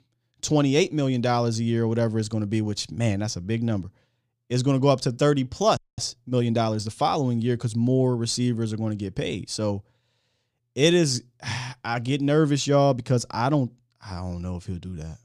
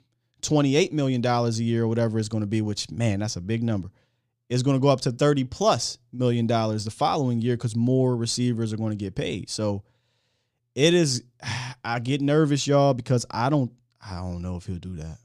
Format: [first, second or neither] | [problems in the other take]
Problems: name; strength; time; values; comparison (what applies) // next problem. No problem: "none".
second | audio freezing; at 6 s